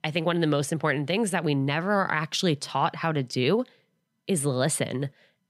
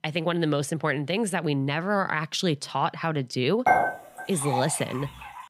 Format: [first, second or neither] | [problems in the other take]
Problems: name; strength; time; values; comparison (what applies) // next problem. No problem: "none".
first | clattering dishes; loud; from 3.5 to 4.5 s; peak 5 dB above the speech